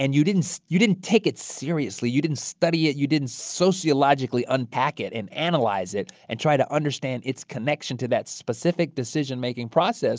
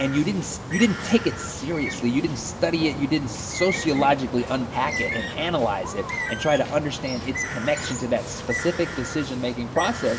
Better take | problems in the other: first | background sound (Bird); 7 dB below the speech // room echo; dies away in 2.4 s

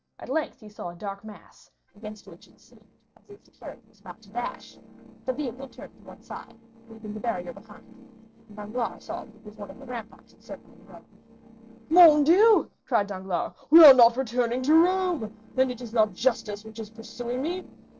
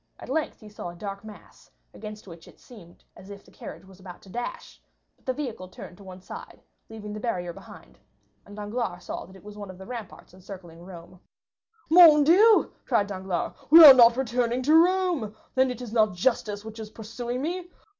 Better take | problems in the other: second | noise reduction (neural separator model SepFormer DNS4)

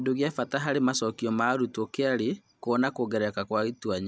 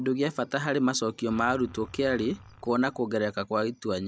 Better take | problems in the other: first | background sound (Engine); 20 dB below the speech

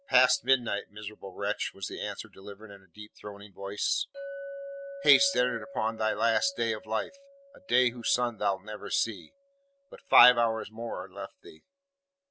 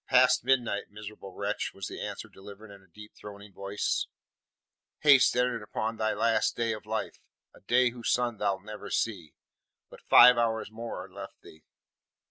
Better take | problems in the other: second | background sound (Chink, clink); 17 dB below the speech

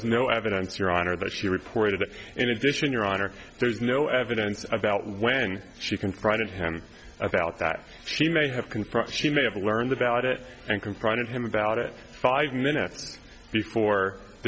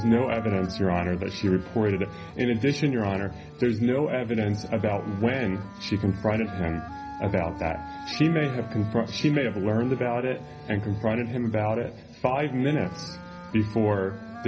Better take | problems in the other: first | background sound (Wind instrument, woodwind instrument); 15 dB below the speech // room echo; dies away in 0.5 s

